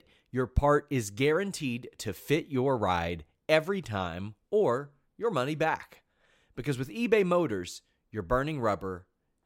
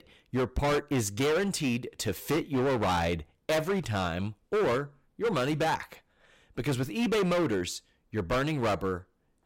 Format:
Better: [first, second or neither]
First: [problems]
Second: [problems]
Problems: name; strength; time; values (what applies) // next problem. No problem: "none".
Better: first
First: none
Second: distortion; heavy; 18% of the sound clipped